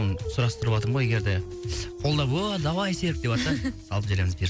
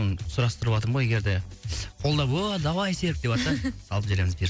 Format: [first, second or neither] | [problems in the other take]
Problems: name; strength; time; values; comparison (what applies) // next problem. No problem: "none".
second | background sound (Dog); 14 dB below the speech